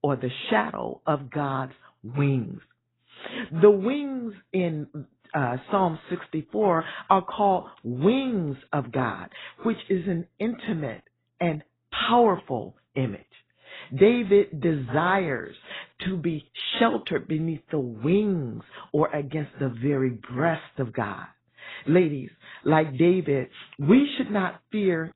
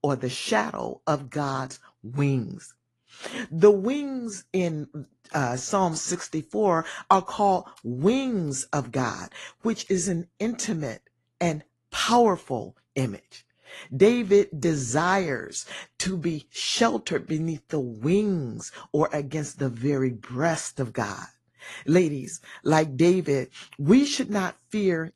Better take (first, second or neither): second